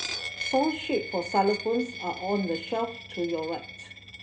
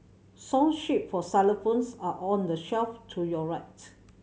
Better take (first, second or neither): second